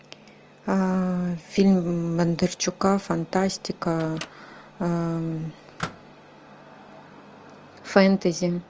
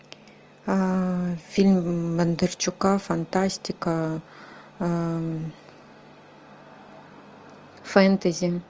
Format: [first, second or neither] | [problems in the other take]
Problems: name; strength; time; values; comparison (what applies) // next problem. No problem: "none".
second | background sound (Microwave oven); 17 dB below the speech